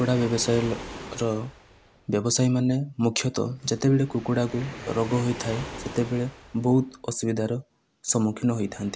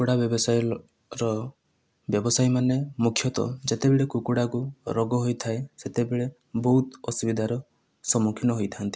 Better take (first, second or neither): second